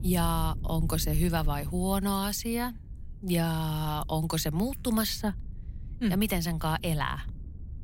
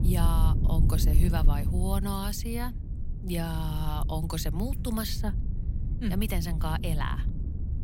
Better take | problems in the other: first | low rumble; loud; throughout; 9 dB below the speech; faint in the first

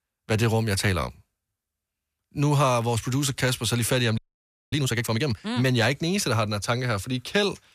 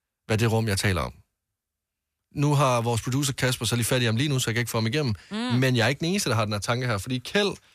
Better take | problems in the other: second | audio freezing; at 4 s for 0.5 s

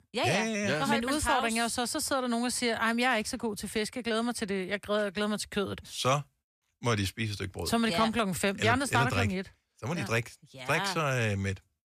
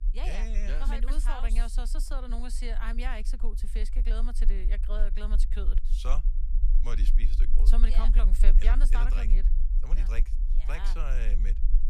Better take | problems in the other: first | low rumble; noticeable; throughout; 15 dB below the speech

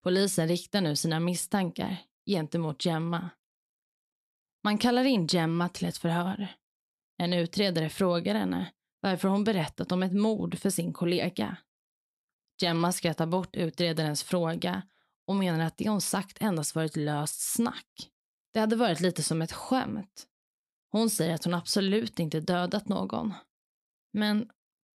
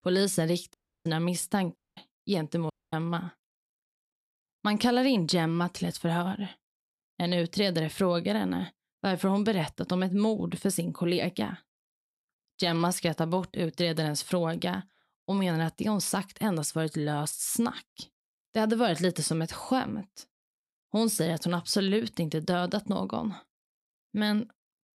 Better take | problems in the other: first | audio cutting out; at 0.5 s, at 2 s and at 2.5 s

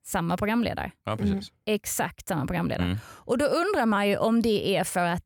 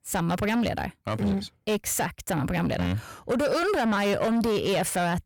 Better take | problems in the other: first | distortion; slight; 10 dB below the speech

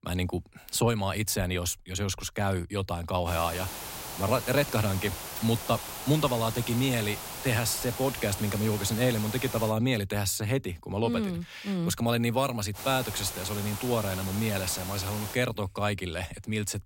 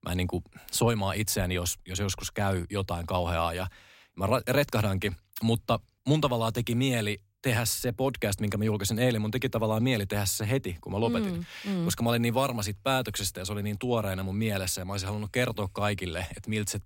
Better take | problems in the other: second | hiss; loud; from 3.5 to 9.5 s and from 13 to 15 s; 8 dB below the speech

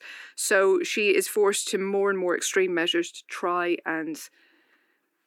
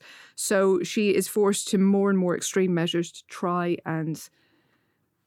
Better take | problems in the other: second | thin; very; fading below 300 Hz

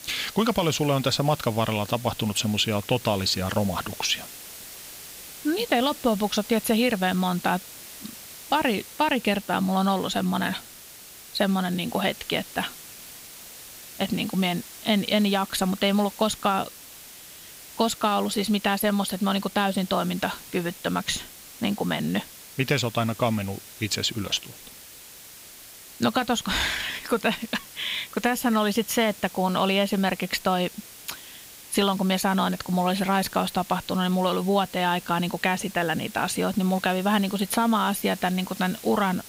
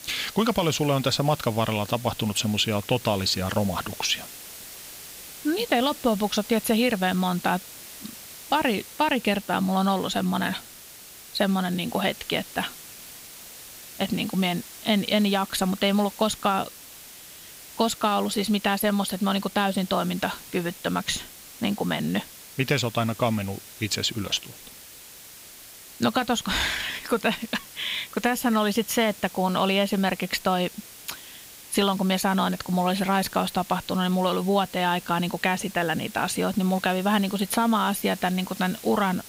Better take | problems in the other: neither | hiss; noticeable; throughout; 15 dB below the speech; the same in both

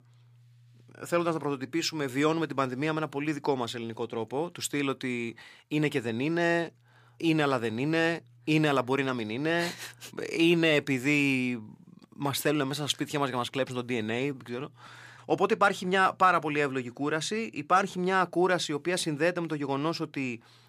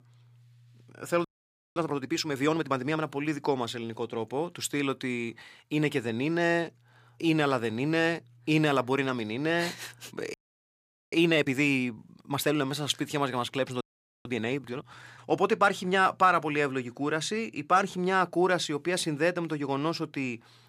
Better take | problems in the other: first | audio freezing; at 1.5 s for 0.5 s, at 10 s for 1 s and at 14 s

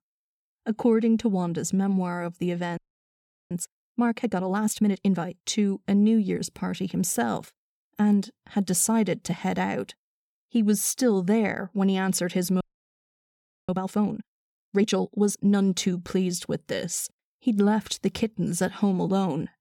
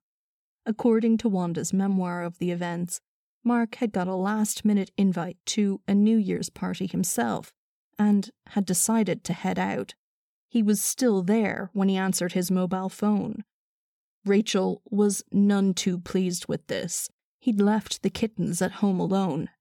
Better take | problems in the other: second | audio freezing; at 3 s for 0.5 s and at 13 s for 1 s

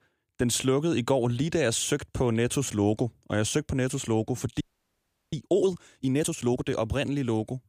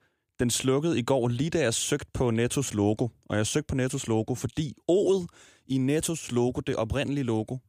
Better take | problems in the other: second | audio freezing; at 4.5 s for 0.5 s

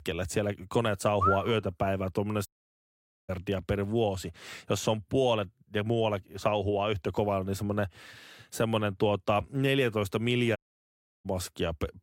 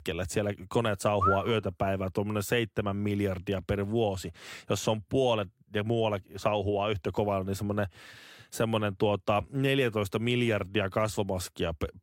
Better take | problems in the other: second | audio cutting out; at 2.5 s for 1 s and at 11 s for 0.5 s

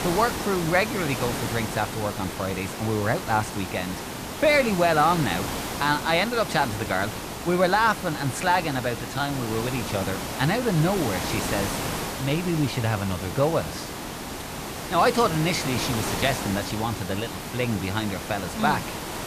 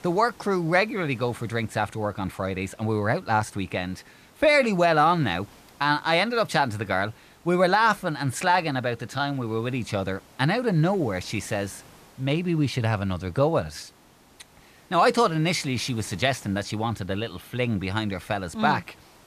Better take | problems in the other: second | hiss; loud; throughout; 6 dB below the speech; faint in the second

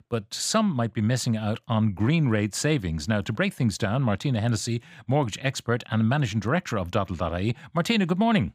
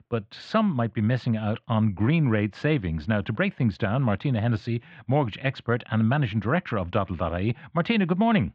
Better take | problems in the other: first | muffled; very; fading above 3 kHz

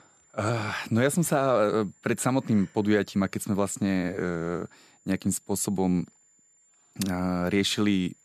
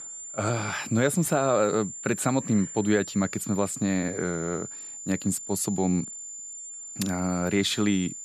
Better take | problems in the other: first | high-pitched whine; loud; throughout; 7 kHz, 10 dB below the speech; faint in the first

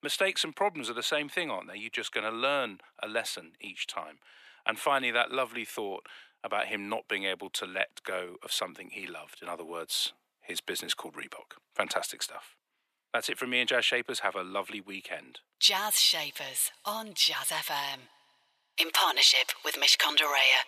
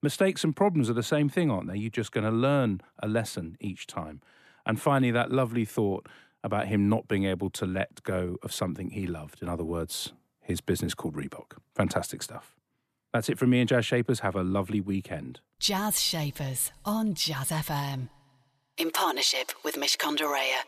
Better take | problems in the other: second | thin; very; fading below 600 Hz

